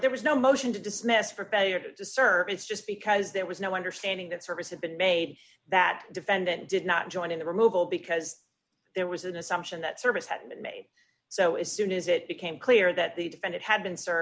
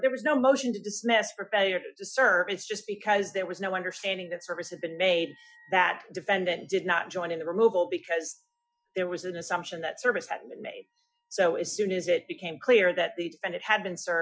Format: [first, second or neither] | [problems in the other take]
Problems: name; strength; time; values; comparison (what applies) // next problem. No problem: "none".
first | noise reduction (classical method Wiener filter)